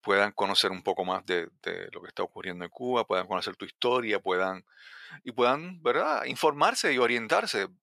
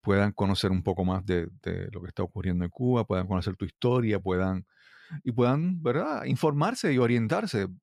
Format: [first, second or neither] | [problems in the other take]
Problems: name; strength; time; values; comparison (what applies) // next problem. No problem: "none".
second | thin; very; fading below 550 Hz